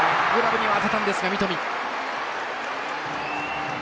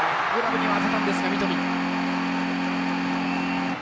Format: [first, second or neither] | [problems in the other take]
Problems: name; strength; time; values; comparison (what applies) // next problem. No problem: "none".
first | background sound (Organ); 1 dB above the speech